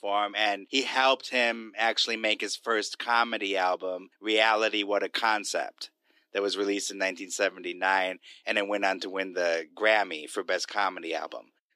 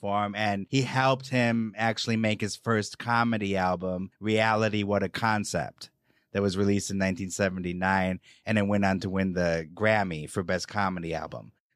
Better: second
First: thin; somewhat; fading below 300 Hz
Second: none

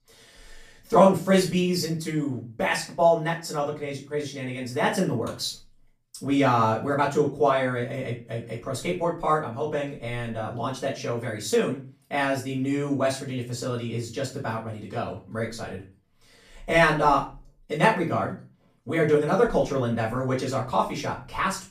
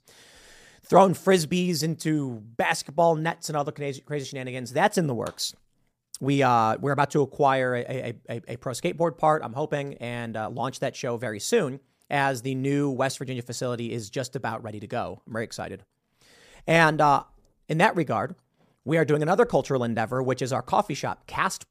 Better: second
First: room echo; slight; dies away in 0.3 s // off-mic speech; far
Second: none

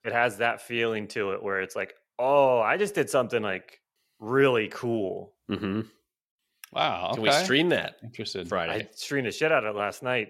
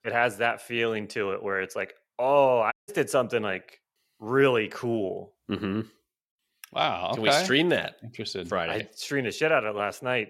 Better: first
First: none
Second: audio cutting out; at 2.5 s

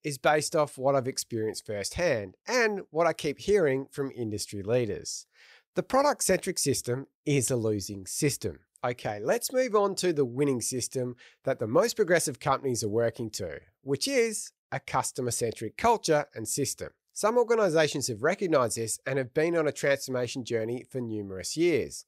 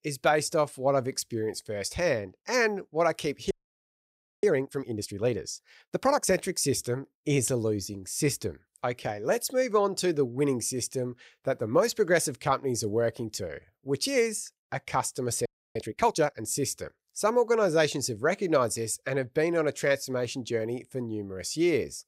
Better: first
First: none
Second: audio freezing; at 3.5 s for 1 s and at 15 s

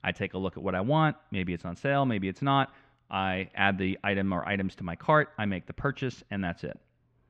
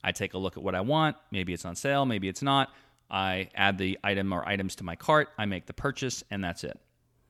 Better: second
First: muffled; very; fading above 2 kHz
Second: none

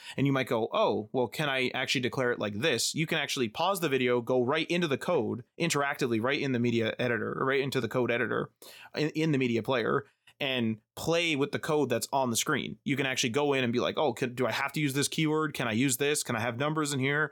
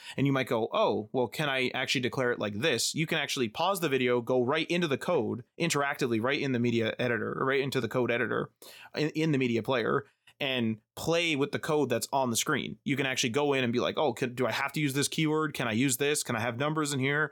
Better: neither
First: none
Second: none

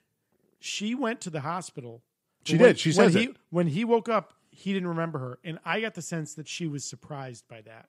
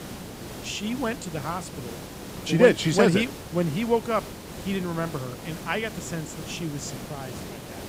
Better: first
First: none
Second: hiss; noticeable; throughout; 10 dB below the speech

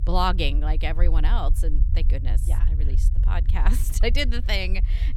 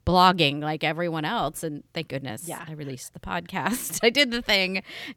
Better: second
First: low rumble; noticeable; throughout; 15 dB below the speech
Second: none

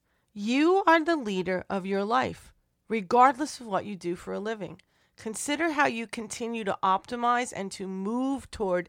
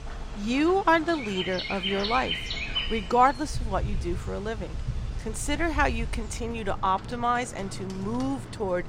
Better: first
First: none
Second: animal sounds; loud; throughout; 7 dB below the speech

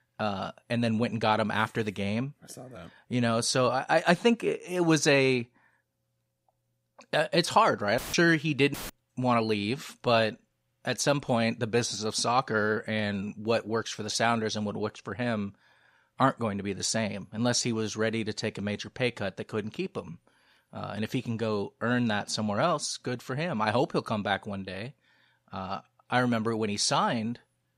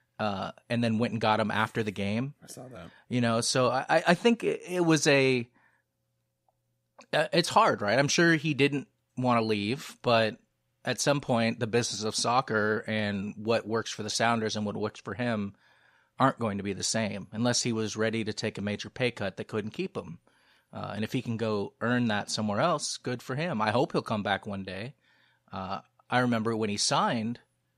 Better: second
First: audio cutting out; filled with static; at 8 s and at 8.5 s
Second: none

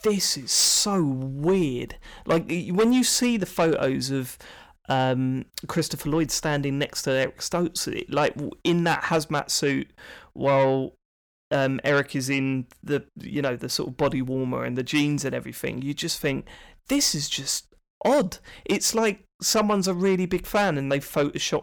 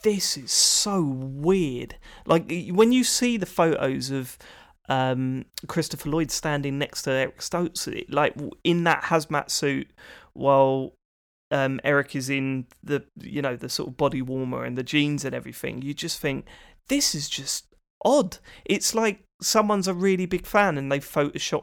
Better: second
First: distortion; slight; 10 dB below the speech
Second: none

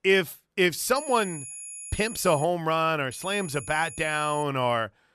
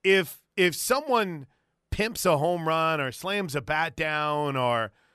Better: second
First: high-pitched whine; noticeable; from 1 to 2.5 s and from 3 to 4.5 s; 10.5 kHz, 10 dB below the speech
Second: none

